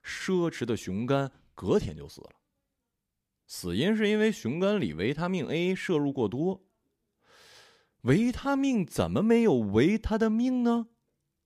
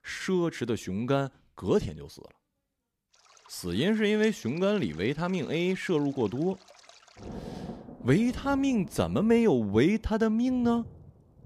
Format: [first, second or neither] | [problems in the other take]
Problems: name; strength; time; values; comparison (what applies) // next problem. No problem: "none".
first | rain or running water; faint; from 3 s on; 20 dB below the speech